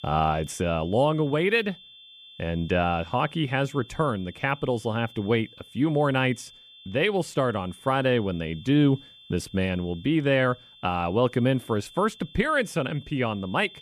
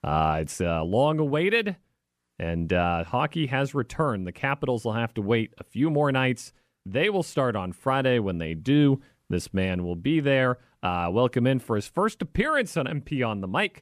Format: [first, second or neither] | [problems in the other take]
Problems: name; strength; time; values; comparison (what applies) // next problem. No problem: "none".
second | high-pitched whine; faint; throughout; 3.5 kHz, 20 dB below the speech